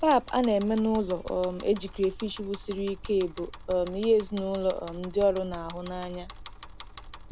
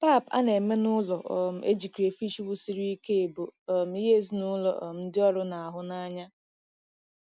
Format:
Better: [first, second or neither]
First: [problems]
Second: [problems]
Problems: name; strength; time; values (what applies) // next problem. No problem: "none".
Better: second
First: background sound (Bicycle); 14 dB below the speech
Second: none